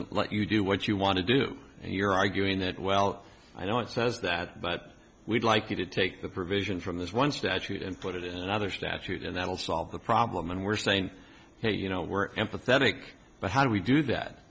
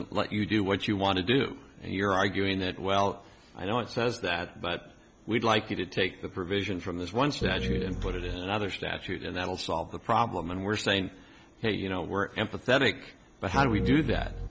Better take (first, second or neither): first